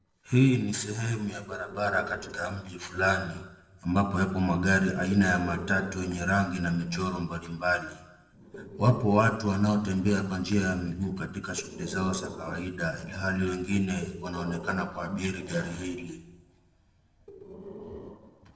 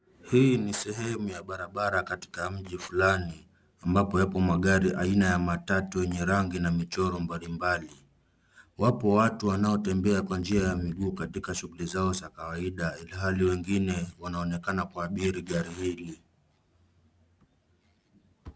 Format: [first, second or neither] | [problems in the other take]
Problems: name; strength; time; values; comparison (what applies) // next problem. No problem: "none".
second | noise reduction (neural separator model SepFormer DNS4)